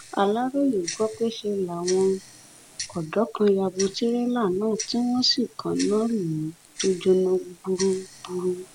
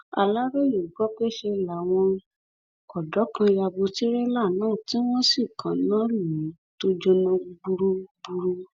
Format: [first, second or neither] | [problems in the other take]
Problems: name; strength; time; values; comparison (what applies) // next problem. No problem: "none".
second | background sound (Tick-tock); 16 dB below the speech